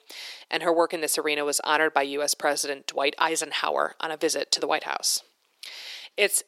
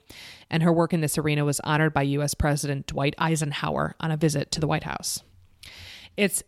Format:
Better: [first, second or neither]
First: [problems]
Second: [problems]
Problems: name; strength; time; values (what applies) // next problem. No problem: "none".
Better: second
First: thin; very; fading below 400 Hz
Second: none